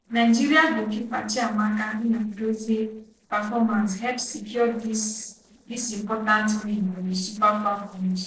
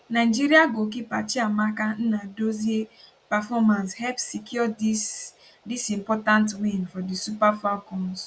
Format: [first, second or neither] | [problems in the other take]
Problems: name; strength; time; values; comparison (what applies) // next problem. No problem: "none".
second | noise reduction (neural separator model SepFormer DNS4)